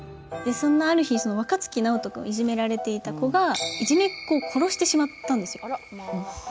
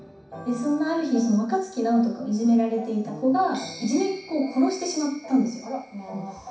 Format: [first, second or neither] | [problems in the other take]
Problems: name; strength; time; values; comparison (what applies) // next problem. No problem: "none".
first | room echo; dies away in 0.6 s